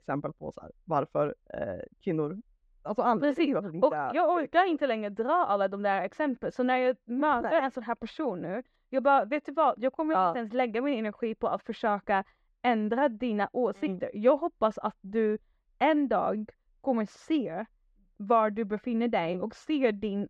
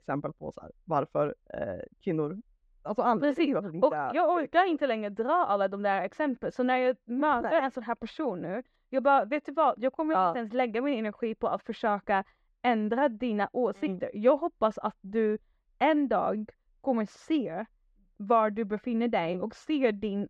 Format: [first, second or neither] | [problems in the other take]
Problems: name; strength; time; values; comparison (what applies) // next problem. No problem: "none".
neither | muffled; slightly; fading above 2.5 kHz; the same in both